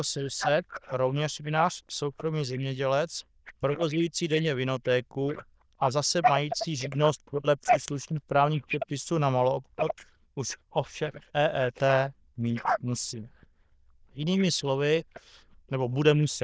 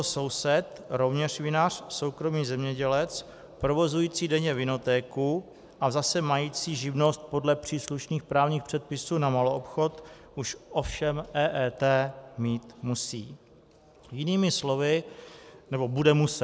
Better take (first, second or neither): second